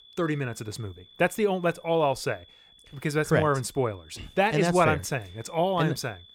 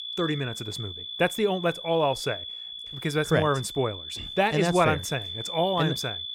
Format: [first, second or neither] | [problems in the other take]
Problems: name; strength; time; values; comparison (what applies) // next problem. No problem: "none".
first | high-pitched whine; loud; throughout; 3.5 kHz, 8 dB below the speech; faint in the first